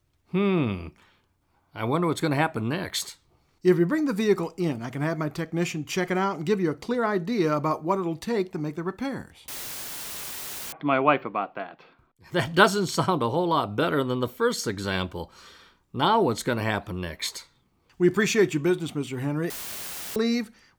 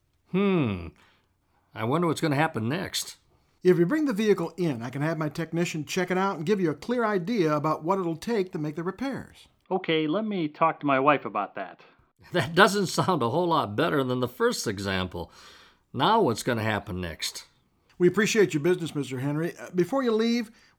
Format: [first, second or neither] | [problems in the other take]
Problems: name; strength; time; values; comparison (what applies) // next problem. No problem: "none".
second | audio cutting out; filled with static; at 9.5 s for 1 s and at 20 s for 0.5 s